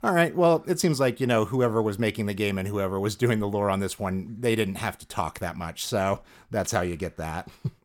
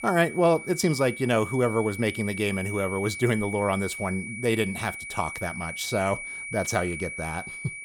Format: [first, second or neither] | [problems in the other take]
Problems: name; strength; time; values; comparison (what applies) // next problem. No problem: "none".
first | high-pitched whine; loud; throughout; 2.5 kHz, 8 dB below the speech